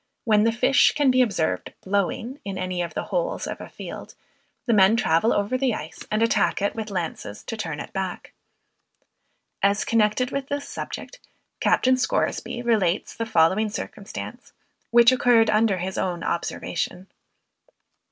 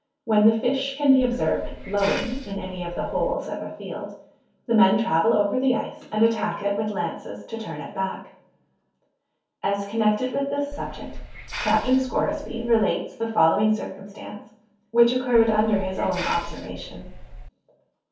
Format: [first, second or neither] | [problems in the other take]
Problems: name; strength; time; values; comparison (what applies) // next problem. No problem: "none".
first | background sound (Hiss); 10 dB below the speech // room echo; dies away in 0.6 s